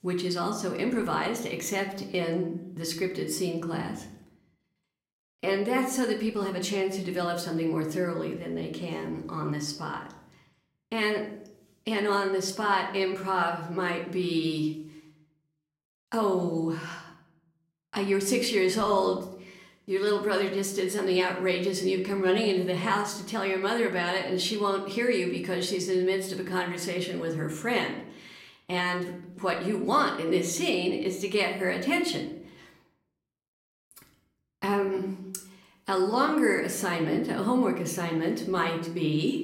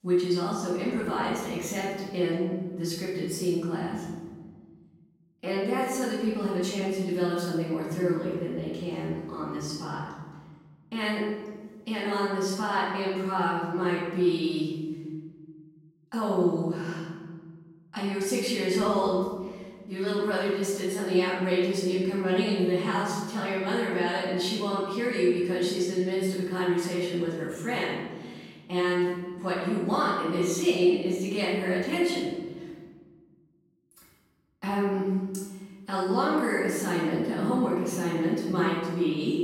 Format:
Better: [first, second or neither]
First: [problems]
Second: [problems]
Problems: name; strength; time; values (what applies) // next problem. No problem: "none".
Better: first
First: room echo; slight; dies away in 0.6 s // off-mic speech; somewhat distant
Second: room echo; strong; dies away in 1.7 s // off-mic speech; far